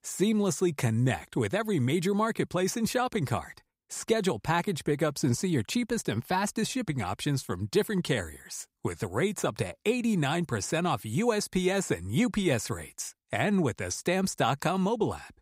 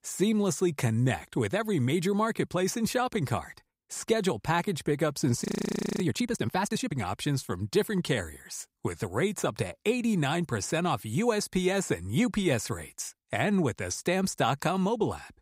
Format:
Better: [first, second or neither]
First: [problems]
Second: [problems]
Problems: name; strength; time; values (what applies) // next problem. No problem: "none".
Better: first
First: none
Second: audio freezing; at 5.5 s for 0.5 s